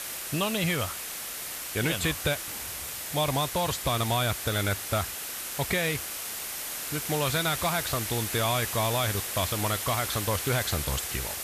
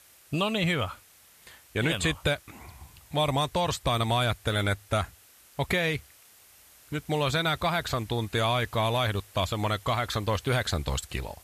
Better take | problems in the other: second | hiss; loud; throughout; 3 dB below the speech; faint in the second

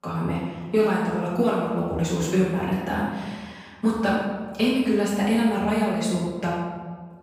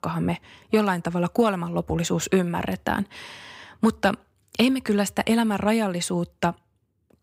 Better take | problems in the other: second | off-mic speech; far // room echo; noticeable; dies away in 1.3 s

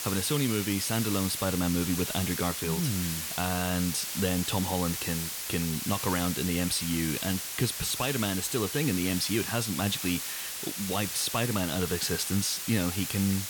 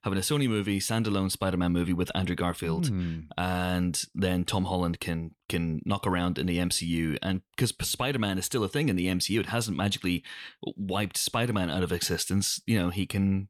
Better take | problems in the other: second | hiss; loud; throughout; 3 dB below the speech

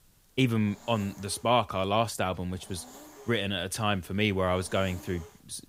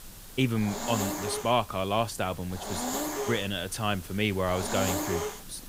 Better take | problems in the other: first | hiss; loud; throughout; 3 dB below the speech; faint in the first

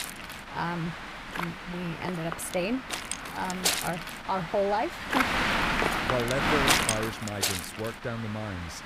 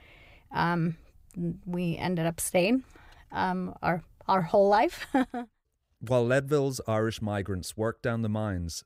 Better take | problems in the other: second | wind noise on the microphone; heavy; 4 dB above the speech

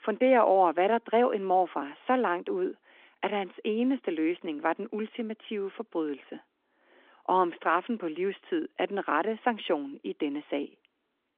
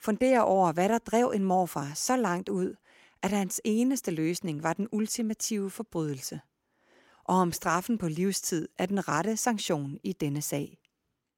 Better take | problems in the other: second | phone-call audio

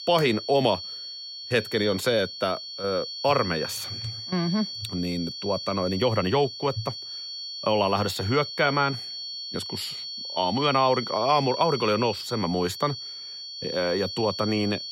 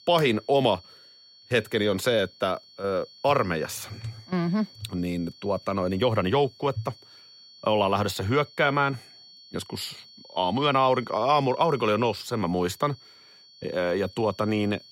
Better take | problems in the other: second | high-pitched whine; loud; throughout; 4.5 kHz, 7 dB below the speech; faint in the second

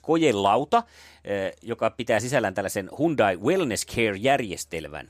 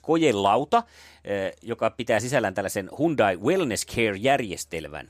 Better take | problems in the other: neither | none

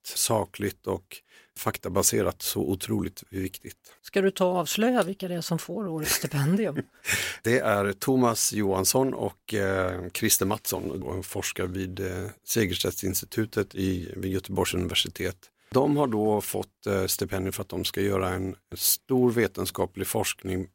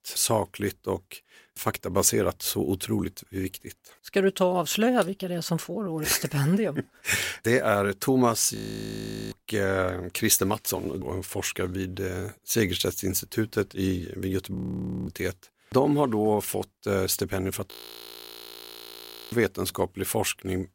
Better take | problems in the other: first | audio freezing; at 8.5 s for 1 s, at 15 s for 0.5 s and at 18 s for 1.5 s

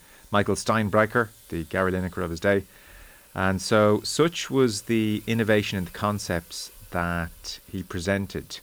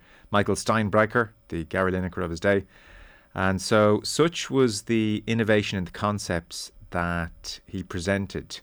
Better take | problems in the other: second | household noises; faint; throughout; 25 dB below the speech

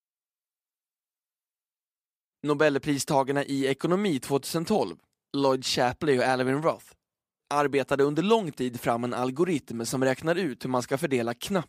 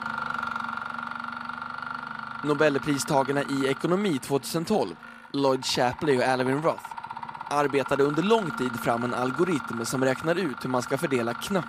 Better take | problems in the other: first | machinery noise; loud; throughout; 9 dB below the speech

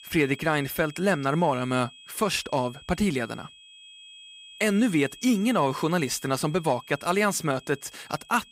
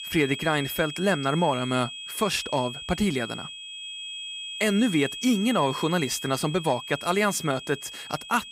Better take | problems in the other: first | high-pitched whine; loud; throughout; 3.5 kHz, 9 dB below the speech; faint in the first

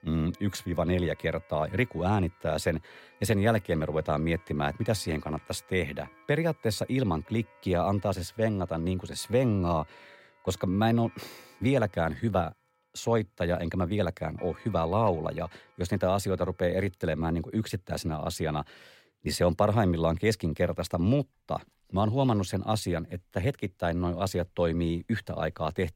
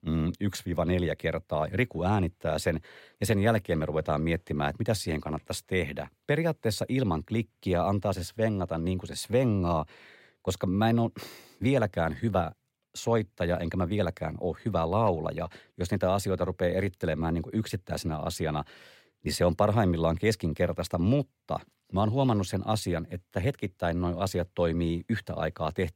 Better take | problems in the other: second | household noises; faint; throughout; 25 dB below the speech

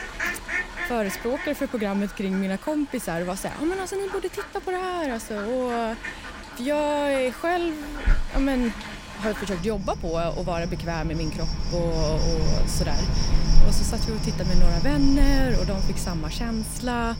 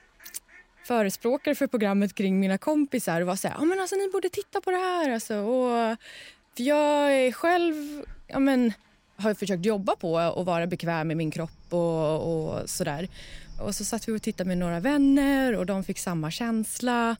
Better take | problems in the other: second | animal sounds; loud; throughout; 3 dB below the speech; faint in the second

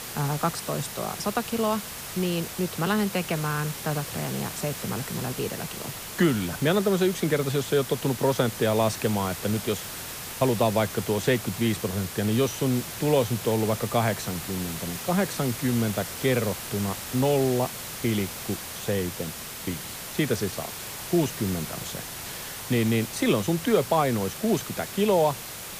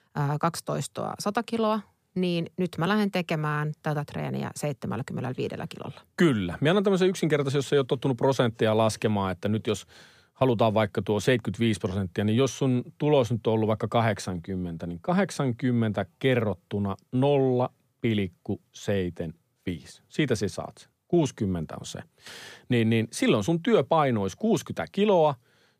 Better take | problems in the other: second | hiss; loud; throughout; 8 dB below the speech

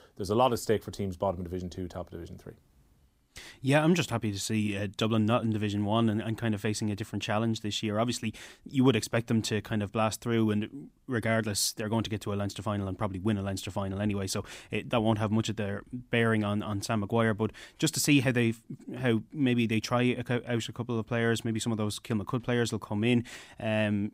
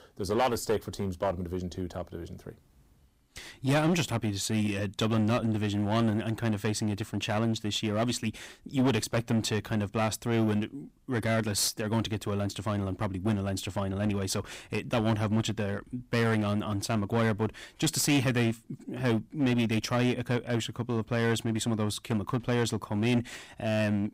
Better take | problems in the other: first | distortion; slight; 8% of the sound clipped

